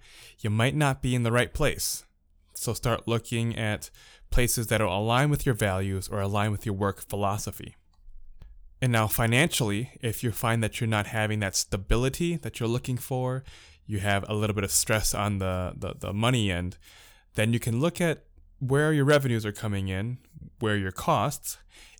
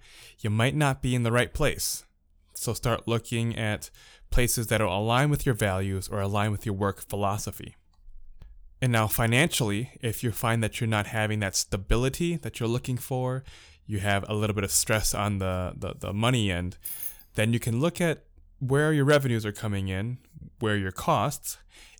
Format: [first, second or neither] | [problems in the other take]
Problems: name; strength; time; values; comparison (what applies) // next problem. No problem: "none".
first | jangling keys; noticeable; at 17 s; peak 6 dB below the speech